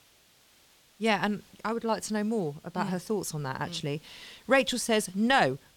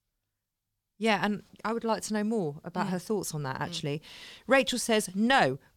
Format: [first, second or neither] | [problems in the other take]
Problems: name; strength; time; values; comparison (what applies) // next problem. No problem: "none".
second | hiss; faint; throughout; 30 dB below the speech